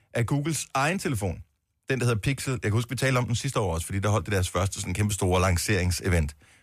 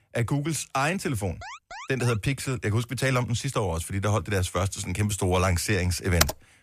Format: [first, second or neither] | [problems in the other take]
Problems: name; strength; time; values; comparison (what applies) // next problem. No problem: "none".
first | alarm; faint; at 1.5 s; peak 15 dB below the speech // keyboard typing; loud; at 6 s; peak 1 dB above the speech